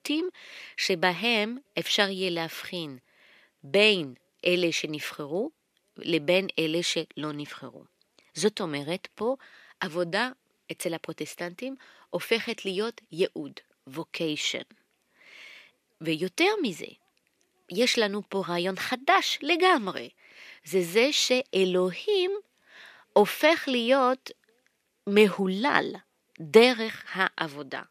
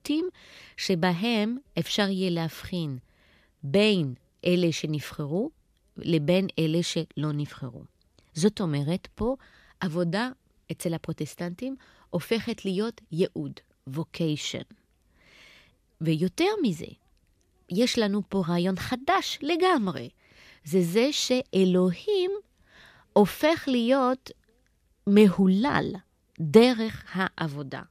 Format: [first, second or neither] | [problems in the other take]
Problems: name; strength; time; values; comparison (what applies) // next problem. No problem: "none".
second | thin; somewhat; fading below 350 Hz